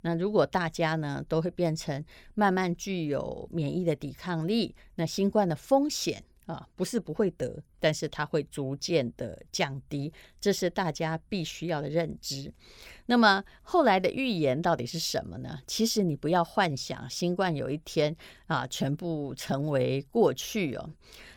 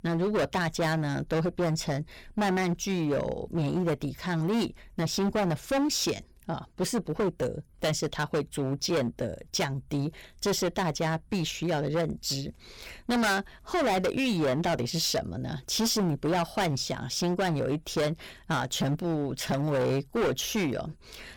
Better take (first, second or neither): first